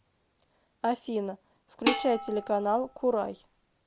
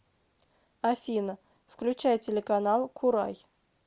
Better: second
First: background sound (Dishes, pots, and pans); 4 dB below the speech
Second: none

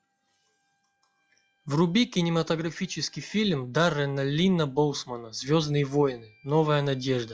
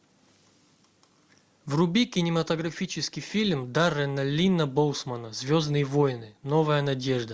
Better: second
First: noise reduction (classical method log-MMSE)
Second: none

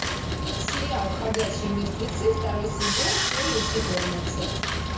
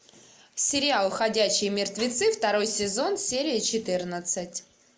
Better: second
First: background sound (Sawing); 3 dB above the speech // room echo; dies away in 0.6 s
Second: none

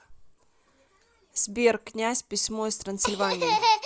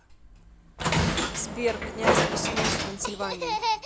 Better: first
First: none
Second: background sound (Train); 4 dB above the speech

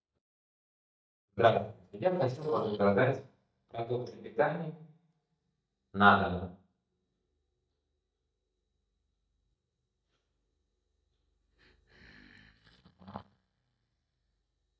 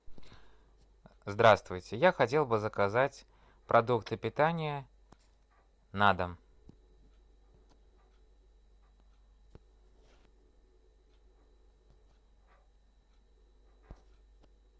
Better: second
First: noise reduction (neural mask model DeepFilterNet 3)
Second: none

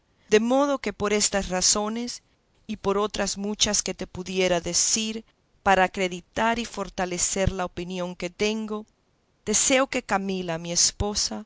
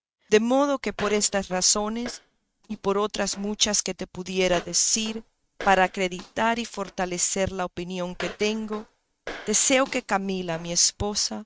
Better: first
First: none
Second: noise reduction (neural mask model RNNoise)

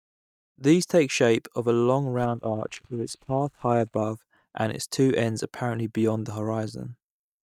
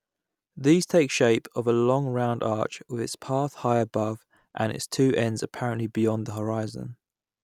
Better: second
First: noise reduction (neural mask model DeepFilterNet 3)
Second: none

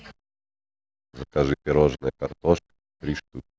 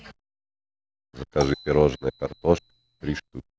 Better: first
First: none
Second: background sound (Marimba, xylophone); 16 dB below the speech

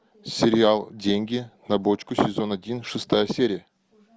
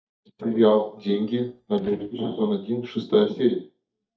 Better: first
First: none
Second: noise reduction (neural mask model DeepFilterNet 3)

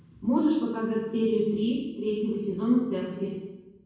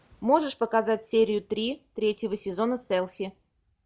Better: second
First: room echo; dies away in 1.1 s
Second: none

